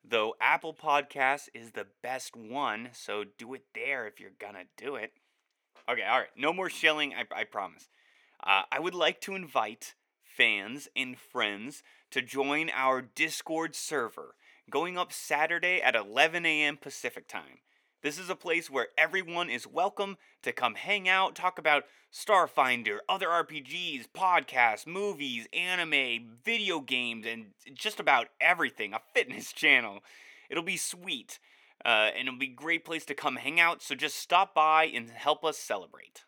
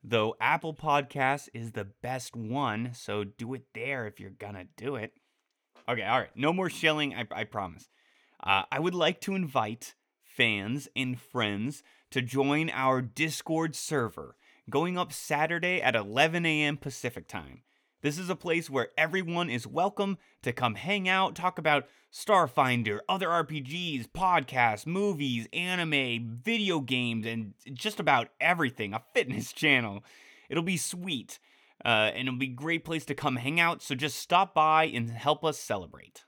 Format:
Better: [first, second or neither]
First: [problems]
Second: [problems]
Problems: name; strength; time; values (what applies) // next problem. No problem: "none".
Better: second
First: thin; somewhat; fading below 400 Hz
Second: none